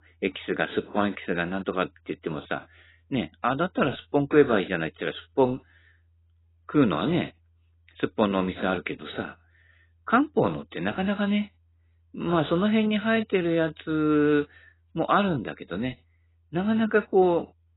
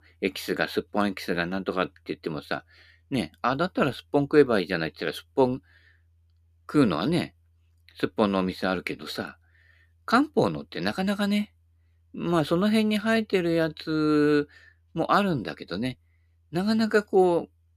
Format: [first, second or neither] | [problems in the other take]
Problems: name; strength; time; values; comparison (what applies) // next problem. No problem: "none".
second | garbled, watery; badly; nothing above 4 kHz